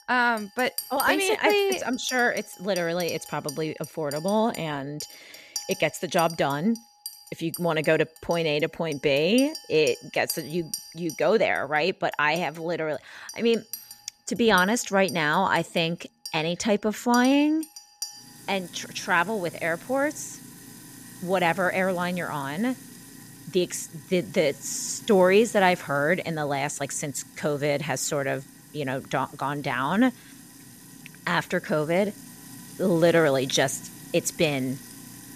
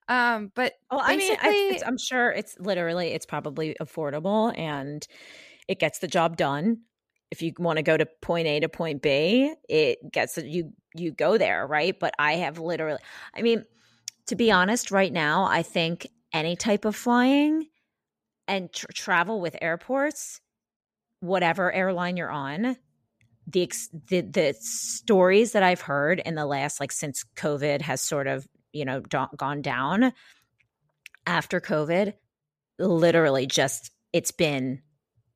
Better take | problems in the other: second | household noises; noticeable; throughout; 15 dB below the speech

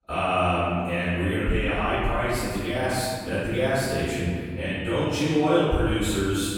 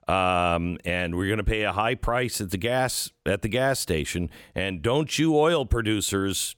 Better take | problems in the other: second | off-mic speech; far // room echo; strong; dies away in 2 s

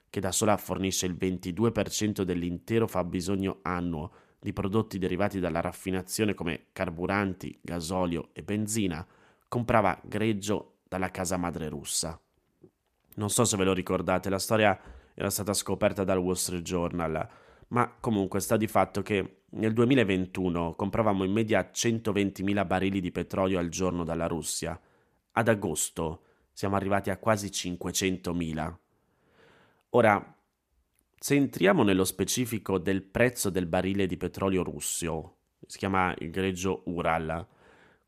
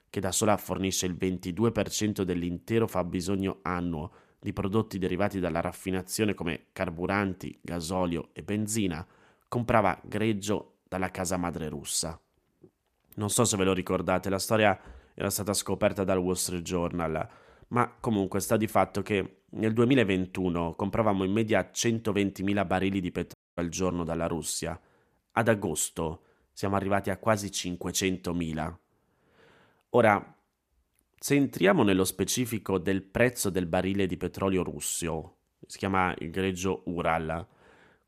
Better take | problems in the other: first | audio cutting out; at 23 s

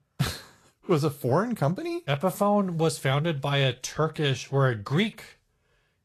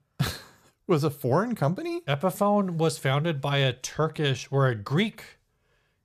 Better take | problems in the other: second | garbled, watery; slightly; nothing above 13 kHz

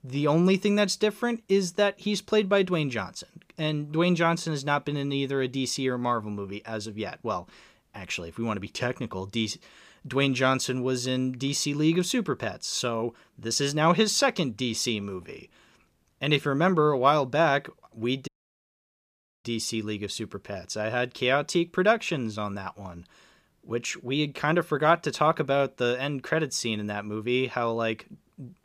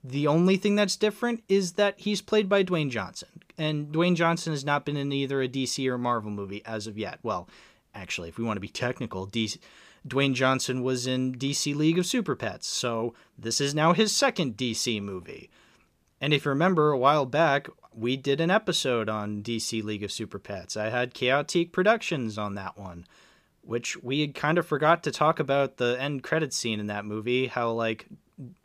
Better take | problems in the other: second | audio cutting out; at 18 s for 1 s

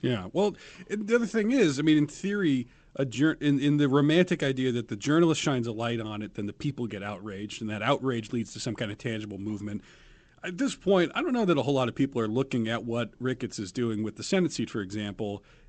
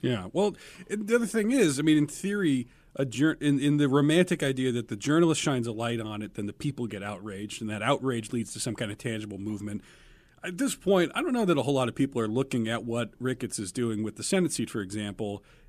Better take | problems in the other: second | garbled, watery; slightly; nothing above 8 kHz

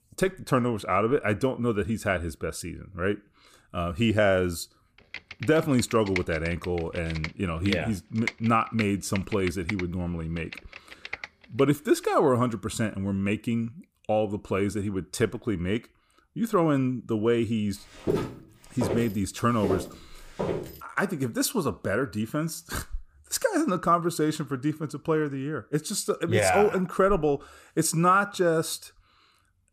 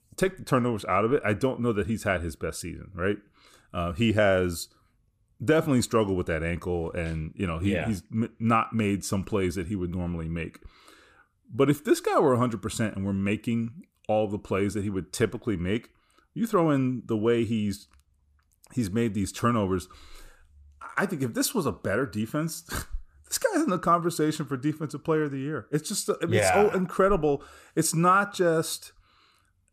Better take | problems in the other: second | keyboard typing; noticeable; from 5 to 12 s; peak 7 dB below the speech // footsteps; noticeable; from 18 to 21 s; peak 2 dB below the speech

